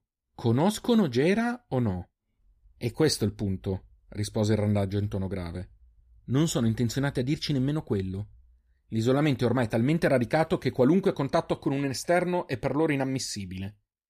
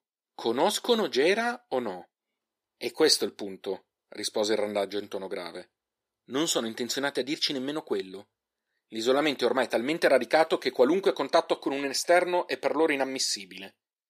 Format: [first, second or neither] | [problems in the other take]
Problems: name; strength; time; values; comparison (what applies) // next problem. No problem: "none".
first | thin; somewhat; fading below 350 Hz